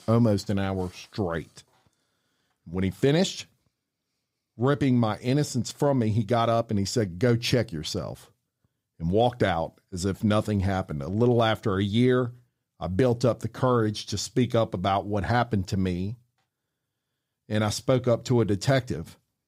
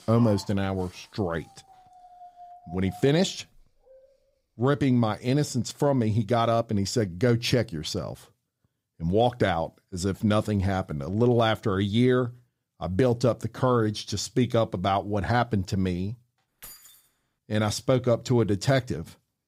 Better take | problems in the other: first | dog barking; faint; until 4 s; peak 15 dB below the speech // jangling keys; faint; at 17 s; peak 20 dB below the speech

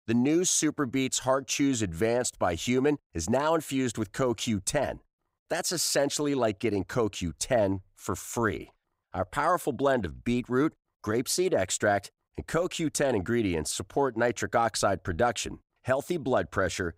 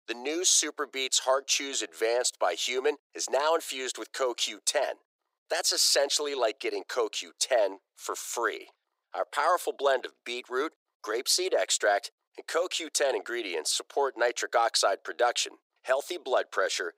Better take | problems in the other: first | thin; very; fading below 400 Hz

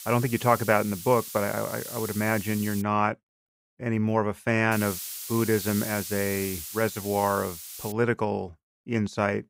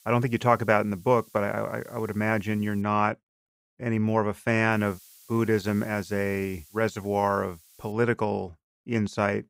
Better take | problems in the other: second | hiss; loud; until 3 s and from 4.5 to 8 s; 9 dB below the speech; faint in the second

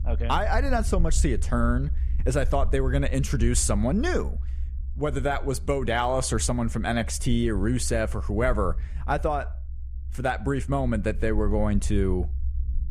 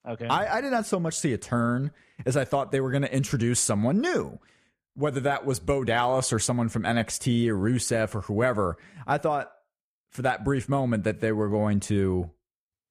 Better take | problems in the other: second | low rumble; faint; throughout; 25 dB below the speech

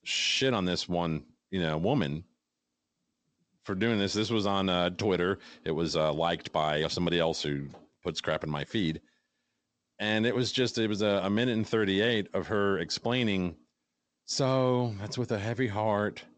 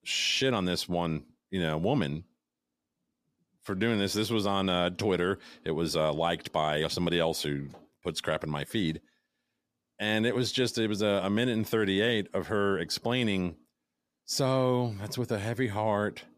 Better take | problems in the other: second | garbled, watery; slightly; nothing above 7.5 kHz

